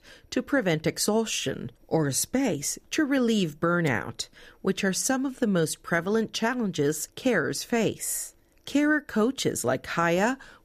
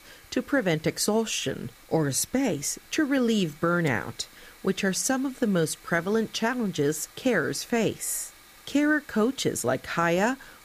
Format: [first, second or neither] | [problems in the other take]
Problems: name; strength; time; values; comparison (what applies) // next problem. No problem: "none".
first | hiss; faint; throughout; 25 dB below the speech